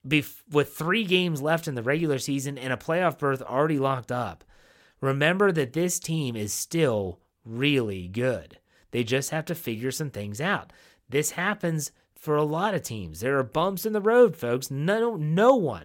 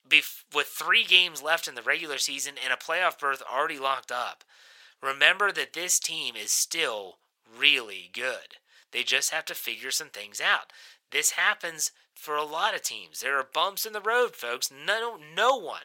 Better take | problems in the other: first | thin; very; fading below 900 Hz

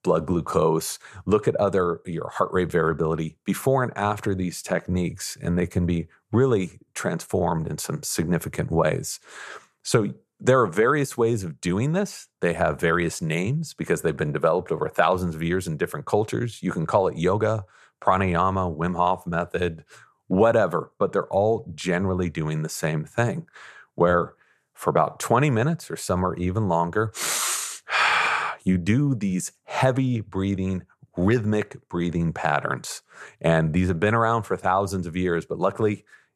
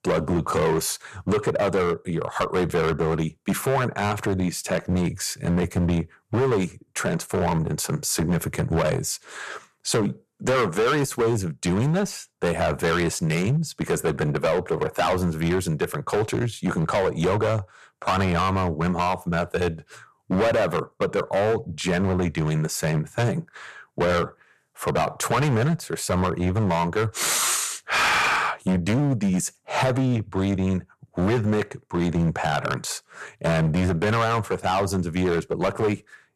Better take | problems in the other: first | distortion; heavy; 14% of the sound clipped

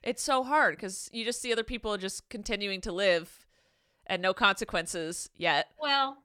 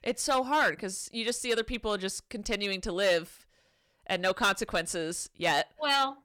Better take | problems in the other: first | distortion; slight; 3% of the sound clipped

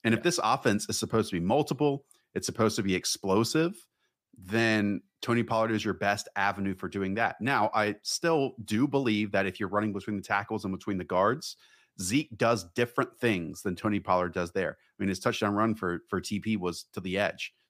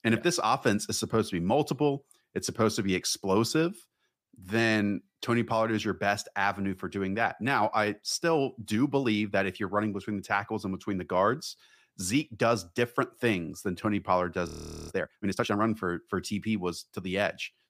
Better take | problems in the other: first | audio freezing; at 14 s

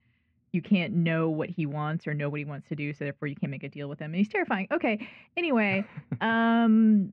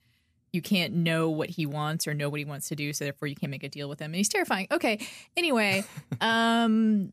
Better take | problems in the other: second | muffled; very; fading above 2.5 kHz

